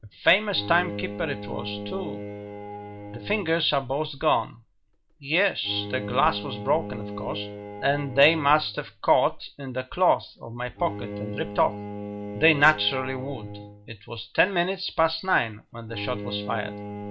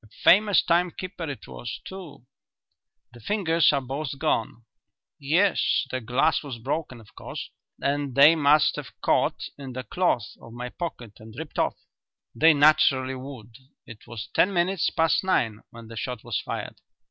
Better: second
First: background sound (Bowed string instrument); 11 dB below the speech // room echo; dies away in 0.2 s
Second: none

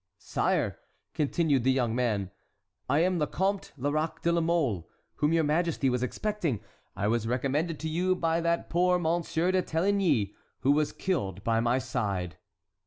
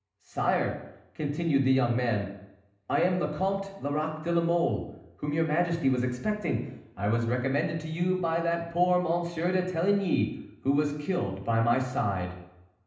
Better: first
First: none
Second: room echo; dies away in 0.8 s

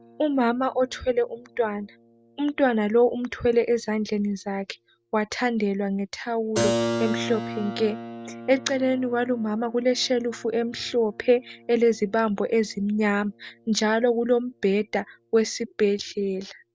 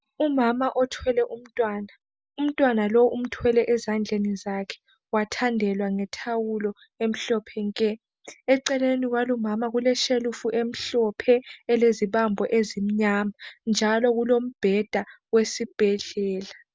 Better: second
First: background sound (Keyboard (musical)); 12 dB below the speech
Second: none

